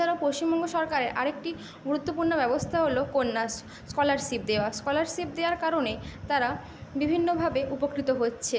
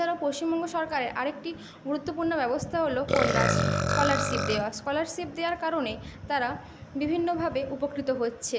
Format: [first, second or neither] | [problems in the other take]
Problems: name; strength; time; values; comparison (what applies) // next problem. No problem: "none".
first | background sound (Burping, eructation); 1 dB above the speech